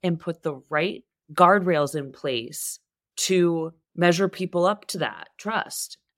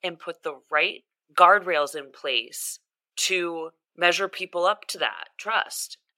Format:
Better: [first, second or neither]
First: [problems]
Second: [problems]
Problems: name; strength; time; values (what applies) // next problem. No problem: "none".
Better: first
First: none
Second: thin; very; fading below 600 Hz